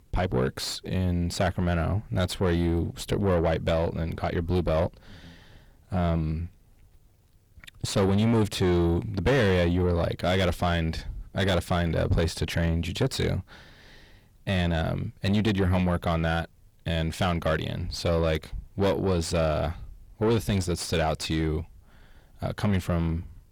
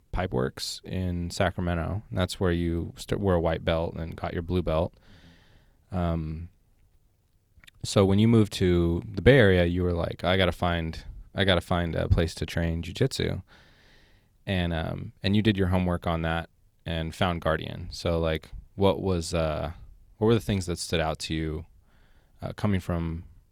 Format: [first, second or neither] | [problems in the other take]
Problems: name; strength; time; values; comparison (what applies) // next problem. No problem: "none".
second | distortion; heavy; 7 dB below the speech